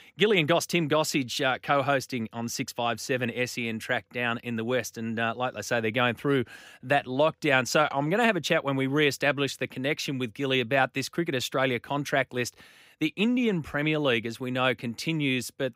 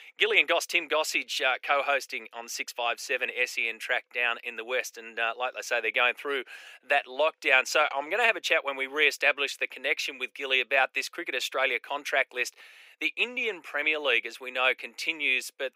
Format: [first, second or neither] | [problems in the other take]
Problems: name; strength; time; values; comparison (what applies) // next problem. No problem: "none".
first | thin; very; fading below 450 Hz